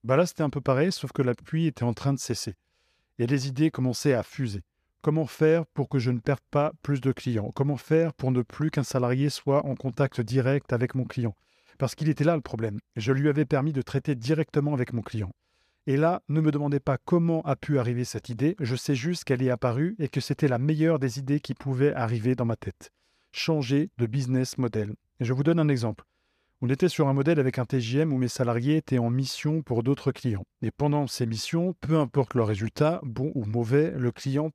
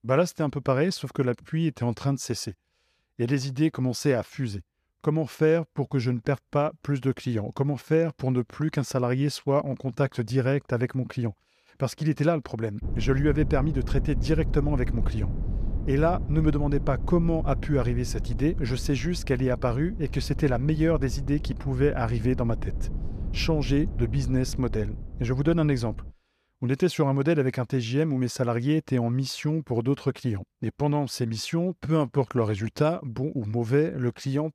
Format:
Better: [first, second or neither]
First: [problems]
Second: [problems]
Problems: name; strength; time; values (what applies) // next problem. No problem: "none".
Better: first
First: none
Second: low rumble; noticeable; from 13 to 26 s; 15 dB below the speech